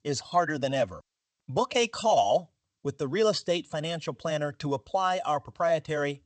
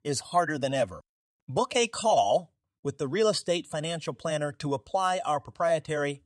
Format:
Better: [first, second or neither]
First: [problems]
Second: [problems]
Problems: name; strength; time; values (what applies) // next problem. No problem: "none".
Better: second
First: garbled, watery; slightly; nothing above 8 kHz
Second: none